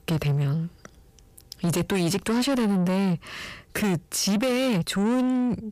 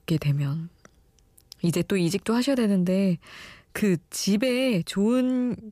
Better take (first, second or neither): second